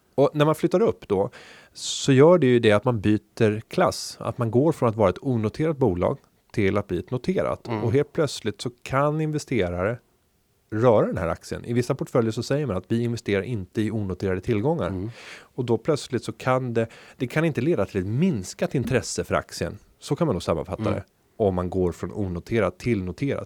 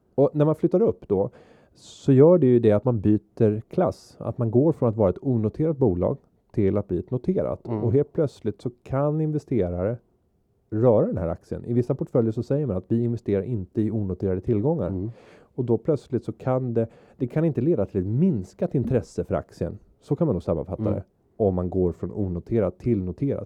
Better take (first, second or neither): first